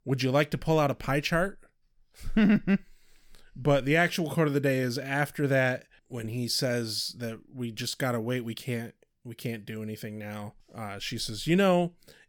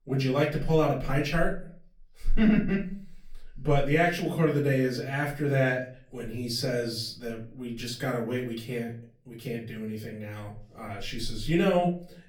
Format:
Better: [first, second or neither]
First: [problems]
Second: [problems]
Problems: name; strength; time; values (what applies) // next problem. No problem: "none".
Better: first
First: none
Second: room echo; slight; dies away in 0.4 s // off-mic speech; far